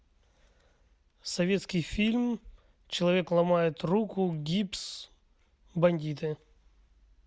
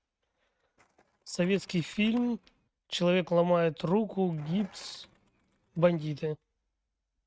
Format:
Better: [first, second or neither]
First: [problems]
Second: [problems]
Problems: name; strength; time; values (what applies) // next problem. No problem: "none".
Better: first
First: none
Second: noise reduction (neural mask model RNNoise)